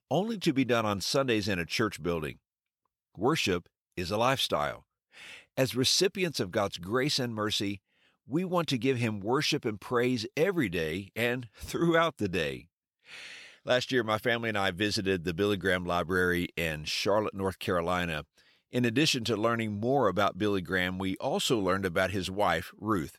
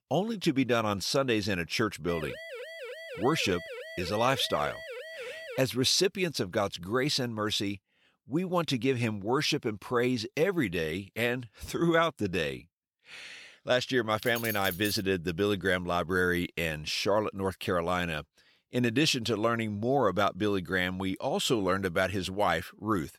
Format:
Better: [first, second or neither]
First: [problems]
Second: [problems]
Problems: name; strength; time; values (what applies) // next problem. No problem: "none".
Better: first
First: none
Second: siren; faint; from 2 to 5.5 s; peak 10 dB below the speech // jangling keys; noticeable; at 14 s; peak 7 dB below the speech